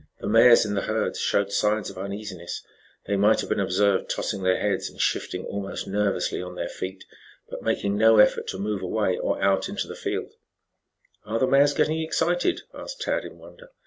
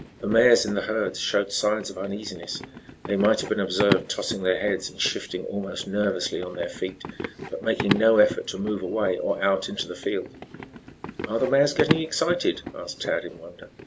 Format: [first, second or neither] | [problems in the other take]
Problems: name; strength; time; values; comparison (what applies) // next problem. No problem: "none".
first | background sound (Run); 9 dB below the speech